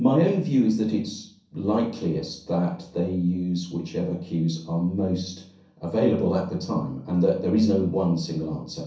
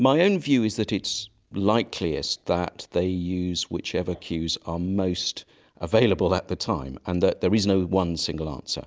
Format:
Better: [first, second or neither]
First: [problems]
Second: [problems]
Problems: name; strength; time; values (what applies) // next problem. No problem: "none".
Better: second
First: room echo; dies away in 0.6 s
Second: none